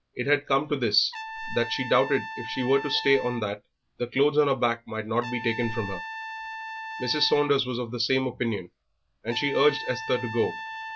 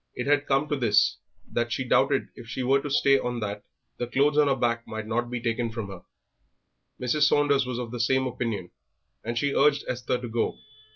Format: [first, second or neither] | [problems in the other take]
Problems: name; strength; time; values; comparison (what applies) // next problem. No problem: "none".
second | background sound (Trumpet); 11 dB below the speech